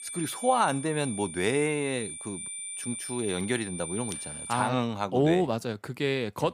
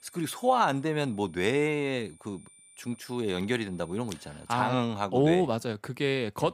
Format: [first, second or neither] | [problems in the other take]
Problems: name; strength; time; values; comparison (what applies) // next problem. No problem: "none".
second | high-pitched whine; loud; until 4.5 s; 9 kHz, 8 dB below the speech; faint in the second